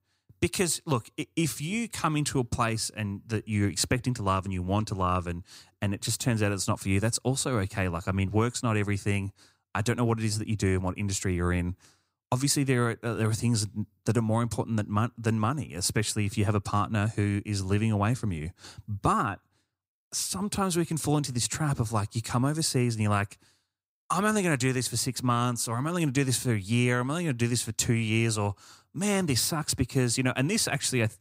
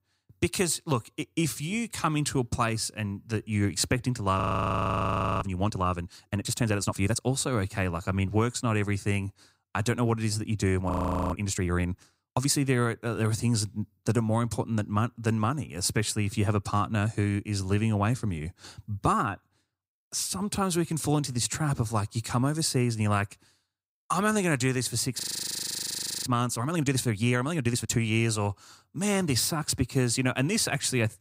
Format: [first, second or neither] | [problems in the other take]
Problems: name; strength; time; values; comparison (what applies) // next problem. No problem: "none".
first | audio freezing; at 4.5 s for 1 s, at 11 s and at 25 s for 1 s